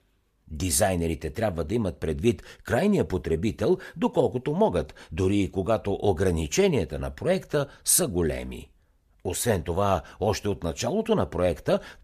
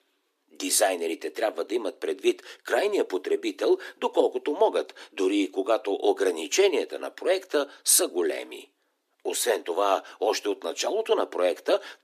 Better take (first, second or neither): first